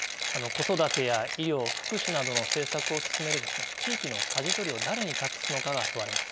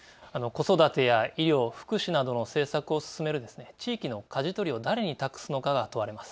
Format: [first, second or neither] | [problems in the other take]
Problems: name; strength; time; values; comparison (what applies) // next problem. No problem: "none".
second | background sound (Mechanisms); as loud as the speech